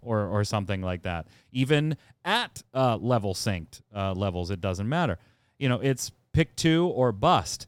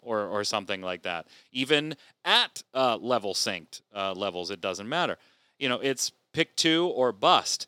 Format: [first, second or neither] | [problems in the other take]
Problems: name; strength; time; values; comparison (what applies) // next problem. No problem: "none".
first | thin; somewhat; fading below 350 Hz